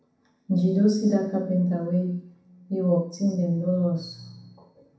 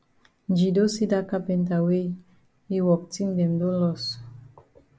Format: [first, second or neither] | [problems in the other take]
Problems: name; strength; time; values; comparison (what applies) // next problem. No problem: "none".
second | room echo; dies away in 0.7 s